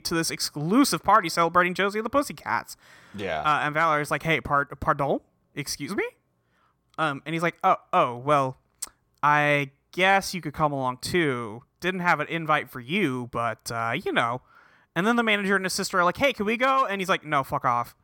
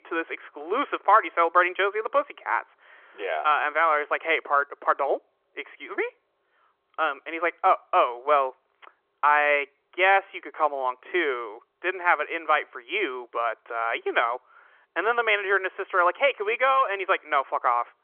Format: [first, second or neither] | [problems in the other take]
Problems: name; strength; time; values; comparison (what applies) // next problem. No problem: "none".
first | phone-call audio; nothing above 3.5 kHz